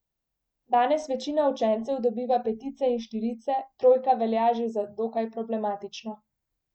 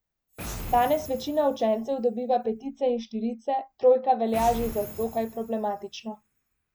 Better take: first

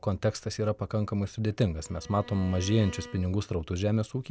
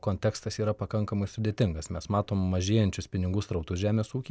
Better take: second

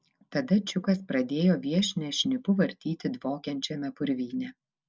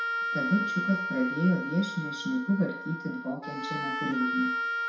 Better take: first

